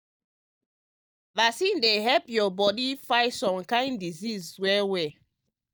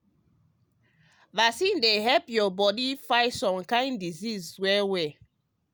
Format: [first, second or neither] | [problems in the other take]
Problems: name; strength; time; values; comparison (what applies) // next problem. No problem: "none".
second | noise reduction (neural mask model DeepFilterNet 3)